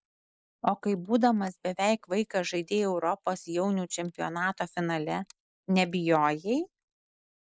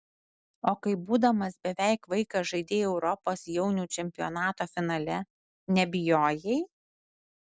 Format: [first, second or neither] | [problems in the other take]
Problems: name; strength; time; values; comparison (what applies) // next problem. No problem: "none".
second | noise reduction (neural mask model Resemble Enhance denoiser)